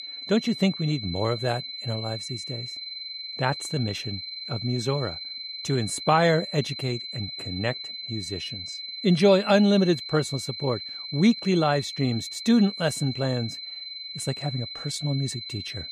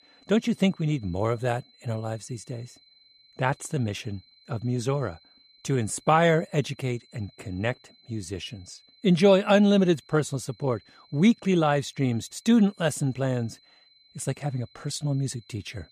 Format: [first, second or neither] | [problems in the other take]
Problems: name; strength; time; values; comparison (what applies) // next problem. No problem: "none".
second | high-pitched whine; loud; throughout; 4 kHz, 8 dB below the speech; faint in the second